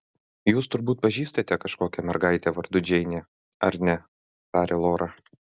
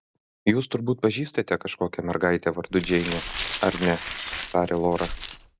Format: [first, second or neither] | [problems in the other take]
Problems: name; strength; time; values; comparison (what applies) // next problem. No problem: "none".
first | background sound (Glass); 9 dB below the speech